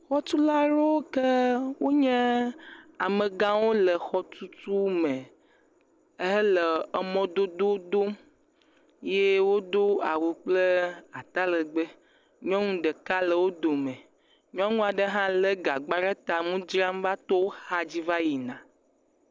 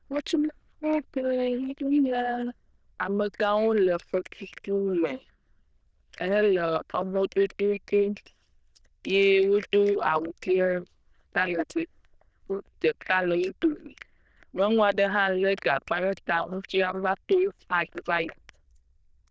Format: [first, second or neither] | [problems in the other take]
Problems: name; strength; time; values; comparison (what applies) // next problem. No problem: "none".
first | noise reduction (neural diffusion model UNIVERSE++)